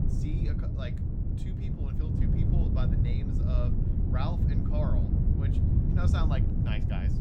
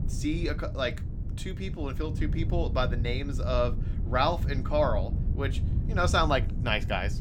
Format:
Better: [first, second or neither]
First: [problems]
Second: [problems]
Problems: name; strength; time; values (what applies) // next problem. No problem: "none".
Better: second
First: wind noise on the microphone; heavy; 1 dB above the speech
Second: wind noise on the microphone; occasional gusts; 15 dB below the speech